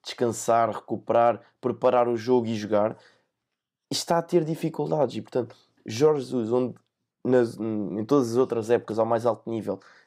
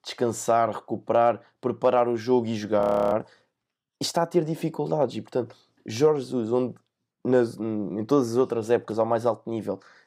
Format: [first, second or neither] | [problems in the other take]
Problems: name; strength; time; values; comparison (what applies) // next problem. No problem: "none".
first | audio freezing; at 3 s